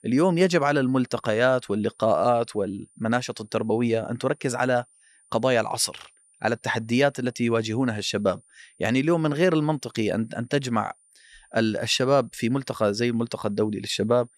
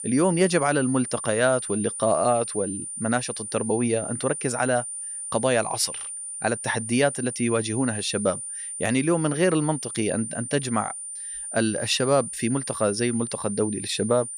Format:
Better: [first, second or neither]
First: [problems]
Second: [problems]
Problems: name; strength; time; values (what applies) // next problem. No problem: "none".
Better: first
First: high-pitched whine; faint; throughout; 9 kHz, 30 dB below the speech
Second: high-pitched whine; loud; throughout; 9 kHz, 6 dB below the speech